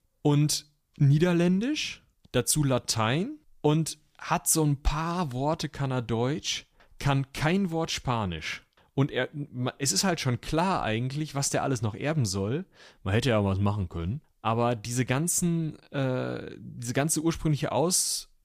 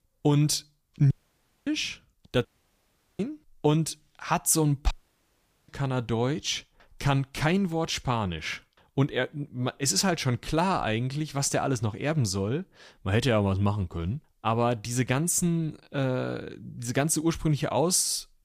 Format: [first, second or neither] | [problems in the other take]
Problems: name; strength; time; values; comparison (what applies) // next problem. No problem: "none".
first | audio cutting out; at 1 s for 0.5 s, at 2.5 s for 0.5 s and at 5 s for 1 s